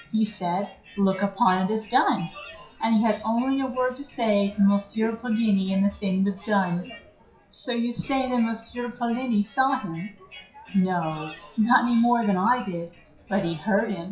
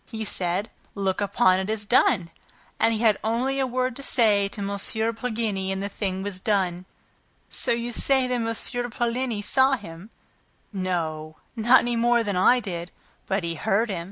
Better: second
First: noise reduction (classical method WPE with log-MMSE)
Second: none

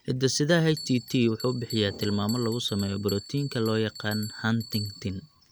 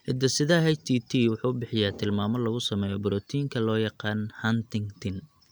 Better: second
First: background sound (Bell); 15 dB below the speech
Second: none

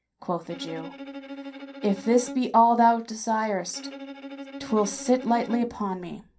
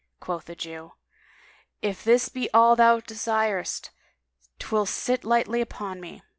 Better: second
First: background sound (Bowed string instrument); 15 dB below the speech // room echo; dies away in 0.3 s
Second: none

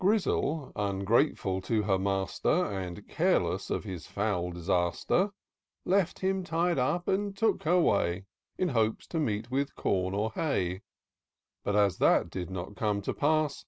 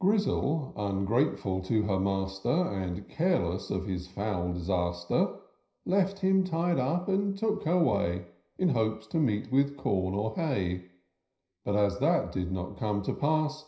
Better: first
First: none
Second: room echo; dies away in 0.5 s

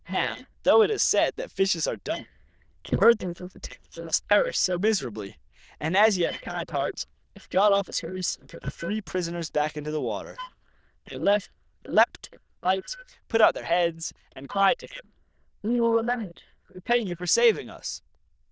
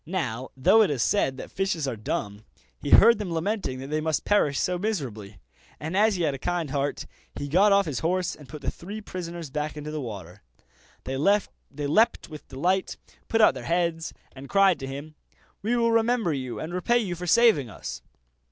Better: second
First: noise reduction (neural diffusion model UNIVERSE++)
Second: none

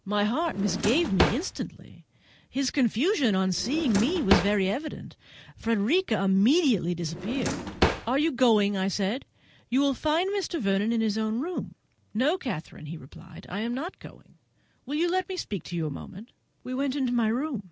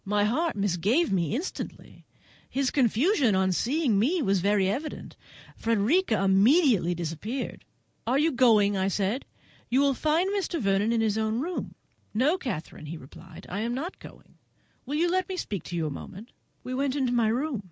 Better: second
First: background sound (Drawer open or close); 2 dB below the speech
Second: none

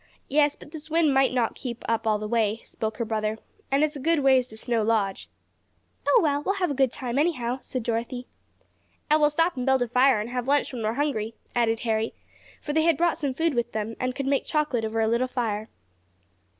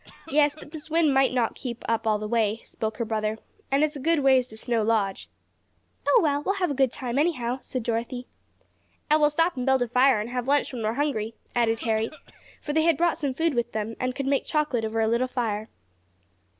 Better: first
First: none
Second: background sound (Cough); 20 dB below the speech

